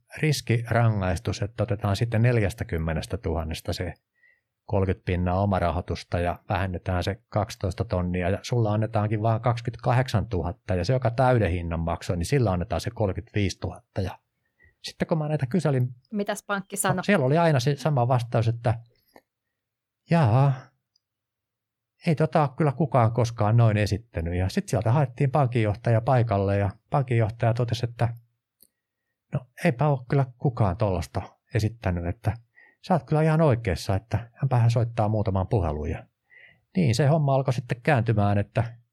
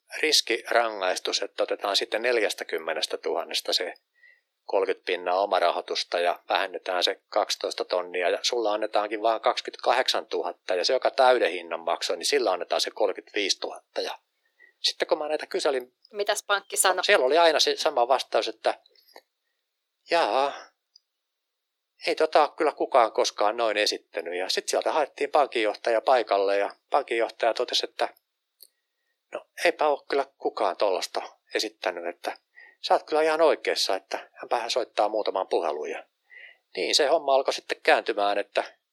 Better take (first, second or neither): first